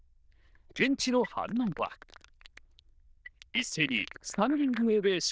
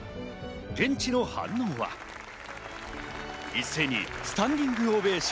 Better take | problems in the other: second | noise reduction (neural diffusion model UNIVERSE++)

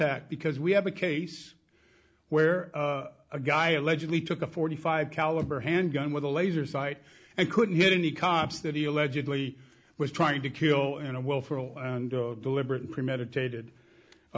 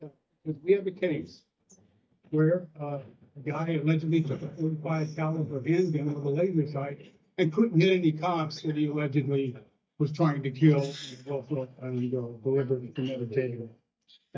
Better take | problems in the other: first | noise reduction (neural mask model DeepFilterNet 3)

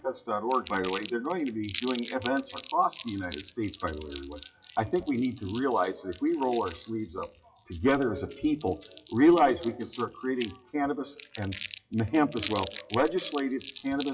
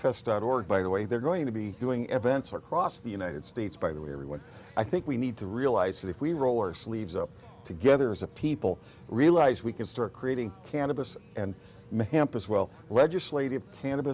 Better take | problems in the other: second | noise reduction (classical method WPE with log-MMSE)

